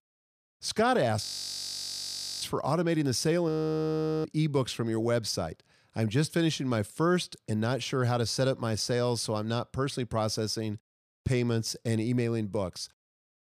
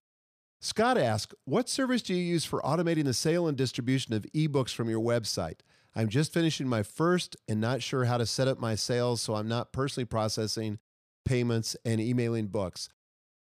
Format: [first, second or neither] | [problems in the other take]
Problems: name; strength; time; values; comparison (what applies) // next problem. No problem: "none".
second | audio freezing; at 1 s for 1 s and at 3.5 s for 1 s